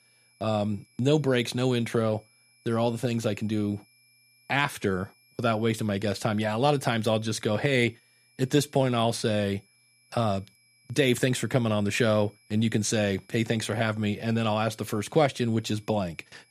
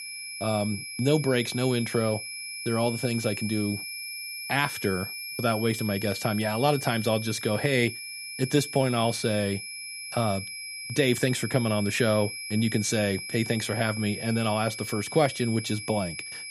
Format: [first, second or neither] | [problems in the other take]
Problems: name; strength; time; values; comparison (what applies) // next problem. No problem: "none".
first | high-pitched whine; loud; throughout; 2.5 kHz, 7 dB below the speech; faint in the first